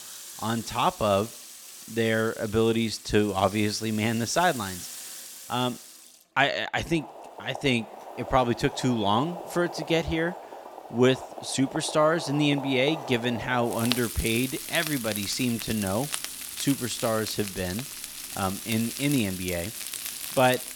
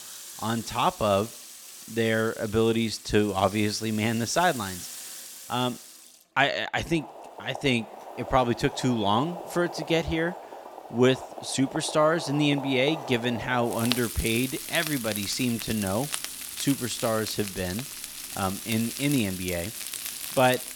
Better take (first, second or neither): neither